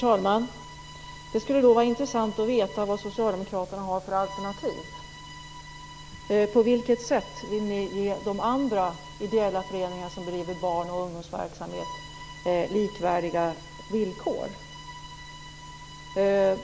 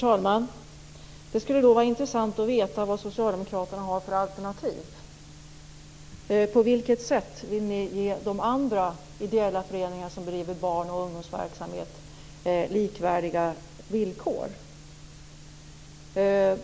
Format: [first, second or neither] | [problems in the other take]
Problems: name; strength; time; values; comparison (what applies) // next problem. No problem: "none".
second | background sound (Bowed string instrument); 18 dB below the speech